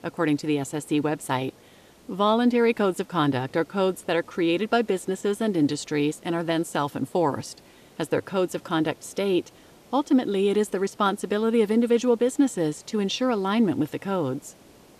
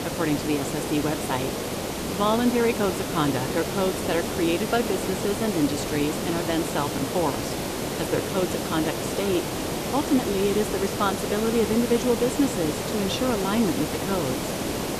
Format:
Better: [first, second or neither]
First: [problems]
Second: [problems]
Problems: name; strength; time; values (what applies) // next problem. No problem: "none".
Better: first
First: hiss; faint; throughout; 30 dB below the speech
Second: hiss; loud; throughout; 2 dB below the speech